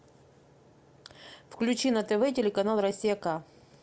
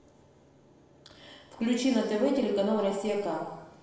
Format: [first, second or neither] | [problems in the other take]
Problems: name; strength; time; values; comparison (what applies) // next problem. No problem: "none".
first | room echo; dies away in 1 s